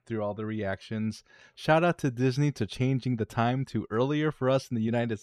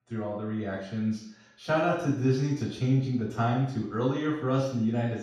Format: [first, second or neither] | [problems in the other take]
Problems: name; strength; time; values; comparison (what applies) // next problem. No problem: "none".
first | room echo; noticeable; dies away in 0.6 s // off-mic speech; far